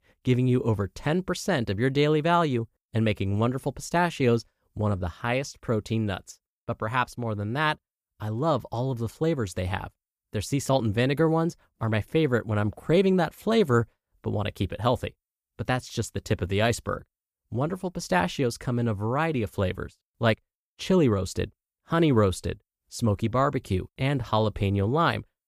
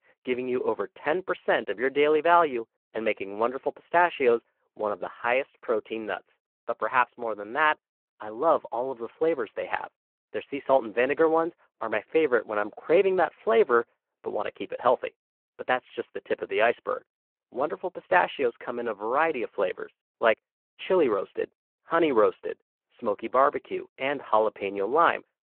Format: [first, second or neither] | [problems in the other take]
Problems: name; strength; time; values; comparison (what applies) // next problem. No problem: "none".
first | phone-call audio